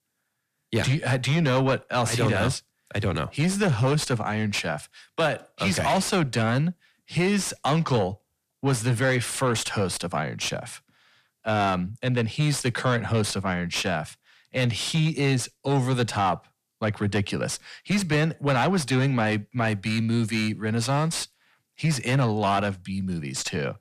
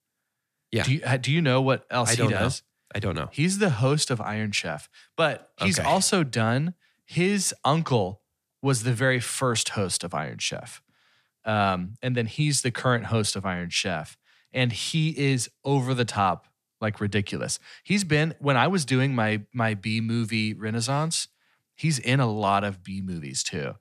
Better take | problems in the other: second | distortion; slight; 10 dB below the speech

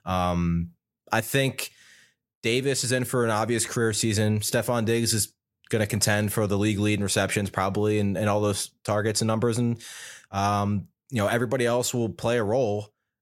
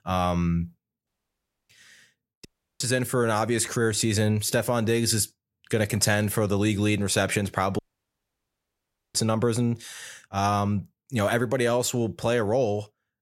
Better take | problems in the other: first | audio cutting out; at 1 s for 0.5 s, at 2.5 s and at 8 s for 1.5 s

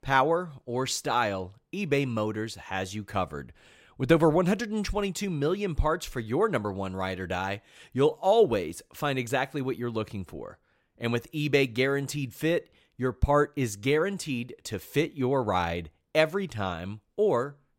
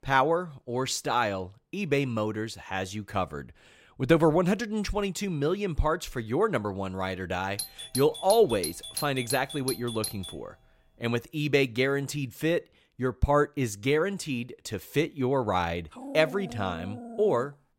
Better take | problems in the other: first | doorbell; noticeable; from 7.5 to 10 s; peak 5 dB below the speech // dog barking; faint; from 16 s on; peak 10 dB below the speech

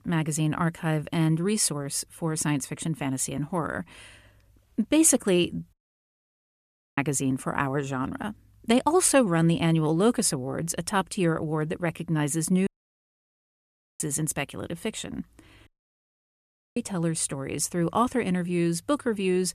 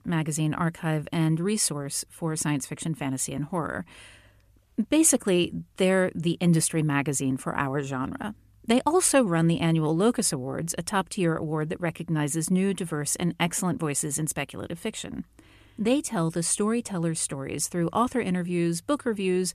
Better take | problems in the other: second | audio cutting out; at 5.5 s for 1 s, at 13 s for 1.5 s and at 16 s for 1 s

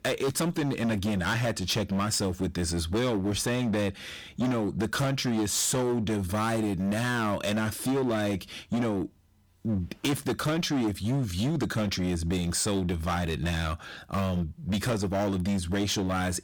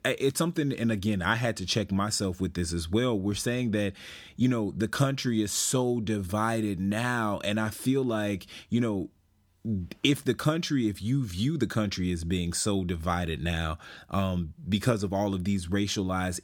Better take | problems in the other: second | distortion; heavy; 20% of the sound clipped

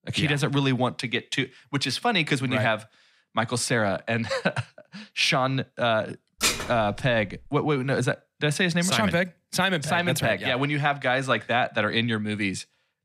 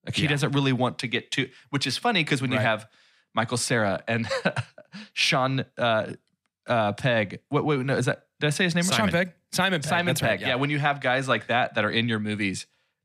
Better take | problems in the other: second | clattering dishes; loud; at 6.5 s; peak 1 dB above the speech

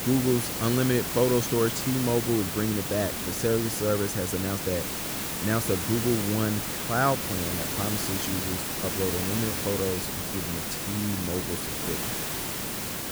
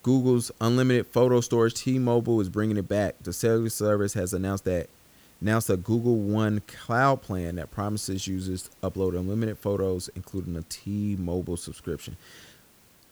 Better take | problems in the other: second | hiss; loud; throughout; 1 dB below the speech; faint in the second

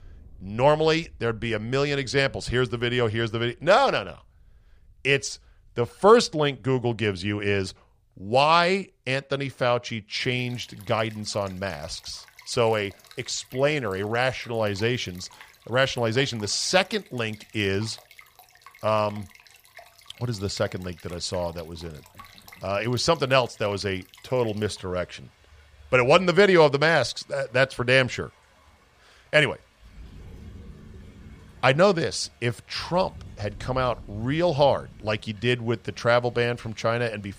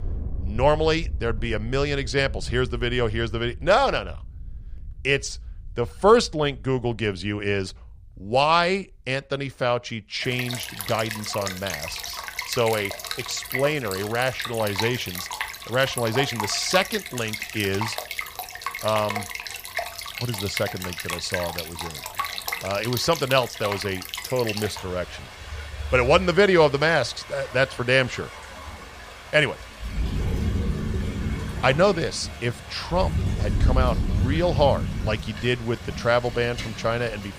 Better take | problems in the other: first | rain or running water; loud; throughout; 7 dB below the speech; faint in the first

